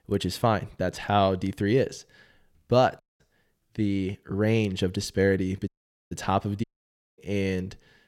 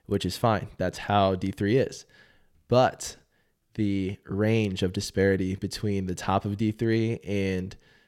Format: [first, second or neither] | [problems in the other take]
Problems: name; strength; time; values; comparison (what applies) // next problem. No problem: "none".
second | audio cutting out; at 3 s, at 5.5 s and at 6.5 s for 0.5 s